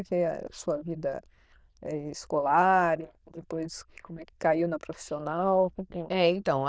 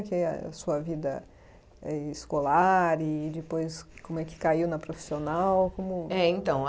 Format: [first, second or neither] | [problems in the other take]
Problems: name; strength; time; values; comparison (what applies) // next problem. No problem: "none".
second | noise reduction (neural diffusion model UNIVERSE++)